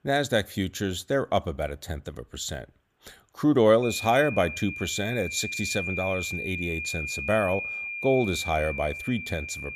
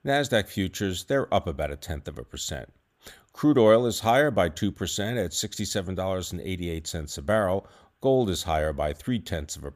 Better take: second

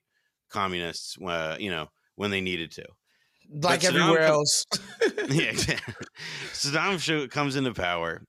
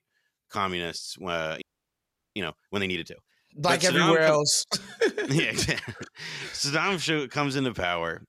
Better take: first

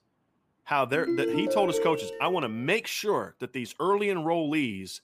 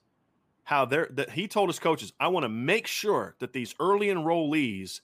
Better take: second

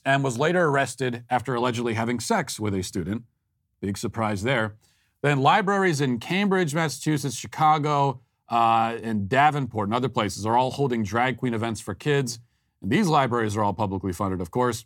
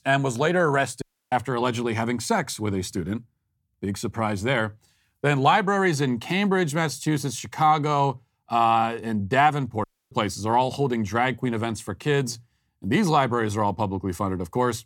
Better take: first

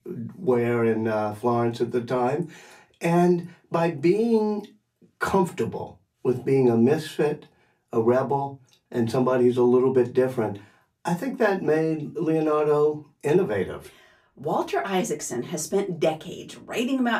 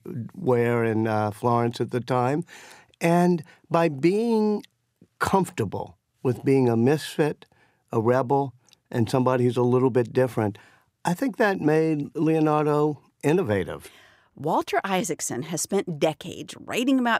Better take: second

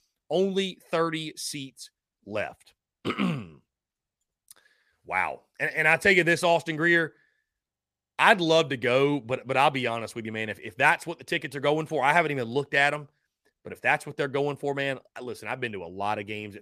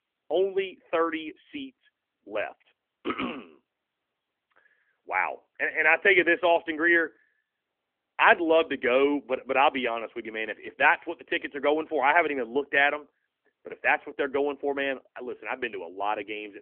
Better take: first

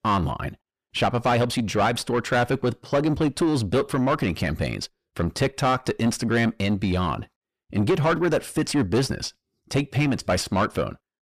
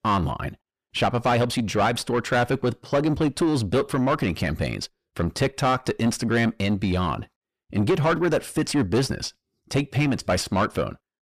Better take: neither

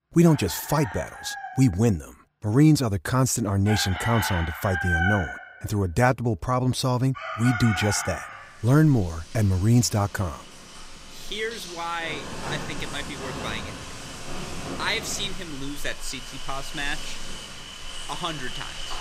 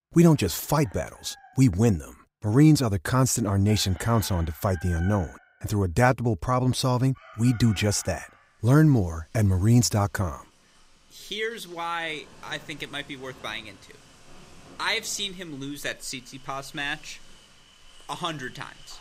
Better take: second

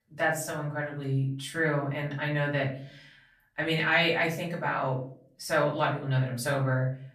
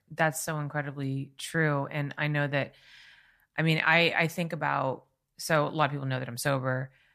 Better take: second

